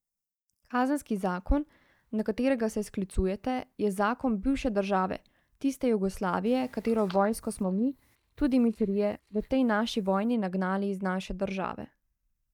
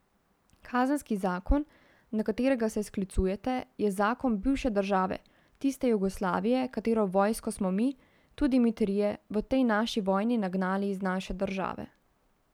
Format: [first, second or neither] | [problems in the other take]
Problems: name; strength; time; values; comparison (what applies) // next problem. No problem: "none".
second | noise reduction (neural mask model DeepFilterNet 3)